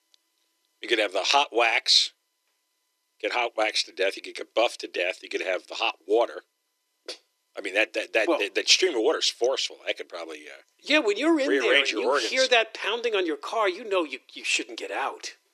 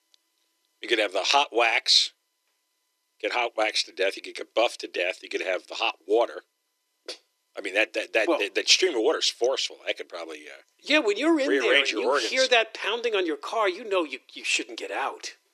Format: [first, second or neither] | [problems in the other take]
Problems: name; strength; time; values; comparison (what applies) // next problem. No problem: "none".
neither | thin; very; fading below 300 Hz; the same in both